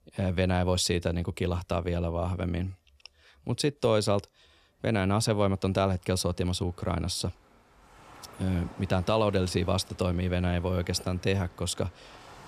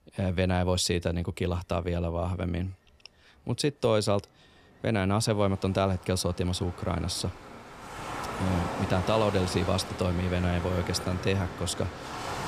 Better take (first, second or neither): first